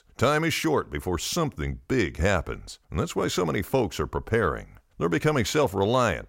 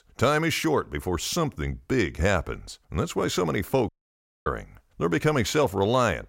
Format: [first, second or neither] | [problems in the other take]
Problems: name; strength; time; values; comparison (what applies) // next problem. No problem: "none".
first | audio cutting out; at 4 s for 0.5 s